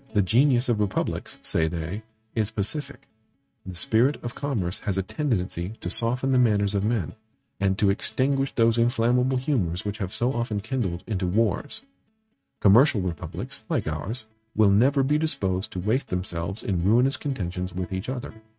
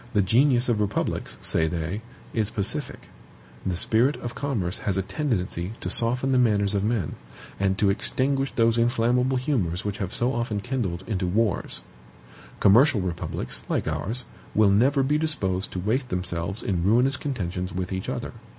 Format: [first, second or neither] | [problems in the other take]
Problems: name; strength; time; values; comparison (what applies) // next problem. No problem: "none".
second | noise reduction (neural mask model RNNoise)